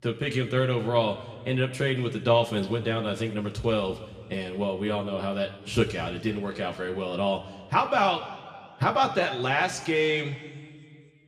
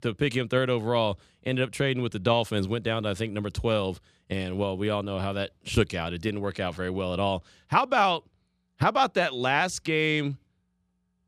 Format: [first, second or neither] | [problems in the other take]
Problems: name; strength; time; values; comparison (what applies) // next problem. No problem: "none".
second | room echo; slight; dies away in 1.5 s